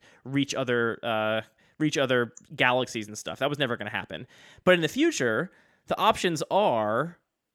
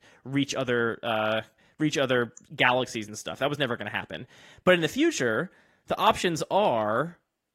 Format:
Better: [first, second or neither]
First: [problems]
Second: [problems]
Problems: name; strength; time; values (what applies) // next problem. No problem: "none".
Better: first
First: none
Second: garbled, watery; slightly; nothing above 13.5 kHz